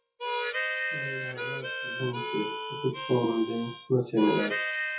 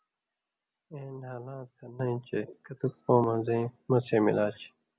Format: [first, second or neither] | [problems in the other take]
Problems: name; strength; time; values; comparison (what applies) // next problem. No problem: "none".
second | noise reduction (classical method WPE with log-MMSE)